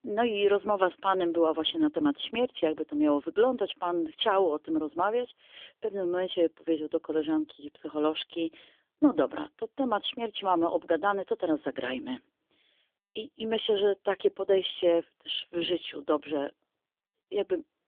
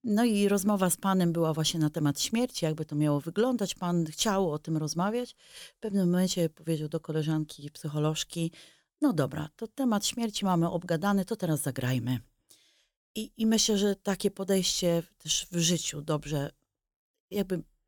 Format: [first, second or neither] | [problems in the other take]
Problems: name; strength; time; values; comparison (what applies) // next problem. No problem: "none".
second | phone-call audio; poor line; nothing above 3.5 kHz